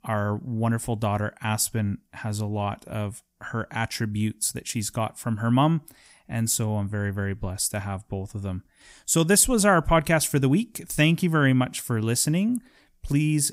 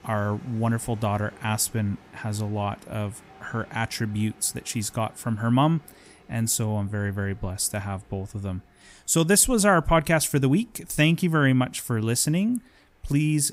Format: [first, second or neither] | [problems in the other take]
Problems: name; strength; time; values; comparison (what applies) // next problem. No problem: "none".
first | train or aircraft noise; faint; throughout; 30 dB below the speech